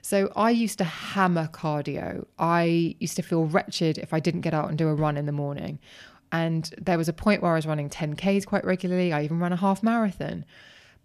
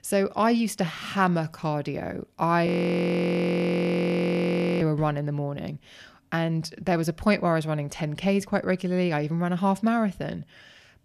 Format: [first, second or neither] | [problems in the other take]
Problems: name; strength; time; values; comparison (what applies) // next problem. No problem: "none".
first | audio freezing; at 2.5 s for 2 s